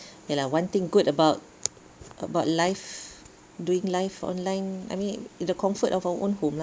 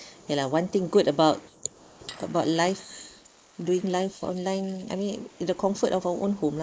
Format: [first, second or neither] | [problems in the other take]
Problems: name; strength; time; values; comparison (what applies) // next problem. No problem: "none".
first | noise reduction (neural mask model Resemble Enhance denoiser)